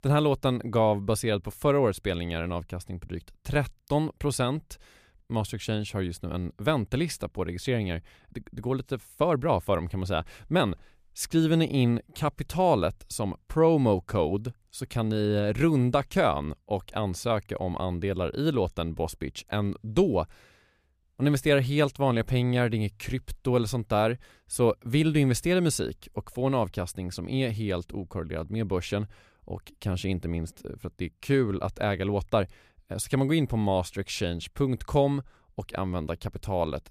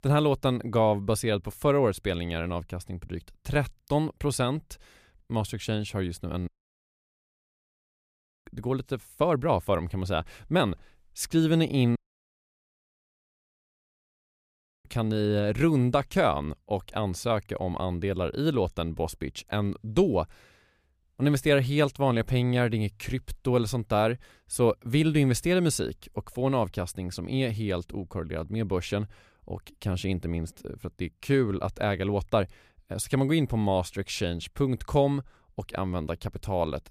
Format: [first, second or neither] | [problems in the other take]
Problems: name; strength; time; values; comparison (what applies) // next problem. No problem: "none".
first | audio cutting out; at 6.5 s for 2 s and at 12 s for 3 s